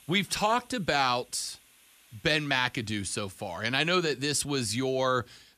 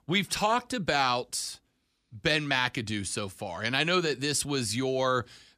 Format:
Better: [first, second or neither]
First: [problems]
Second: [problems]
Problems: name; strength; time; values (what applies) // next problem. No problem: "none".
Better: second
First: hiss; faint; throughout; 30 dB below the speech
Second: none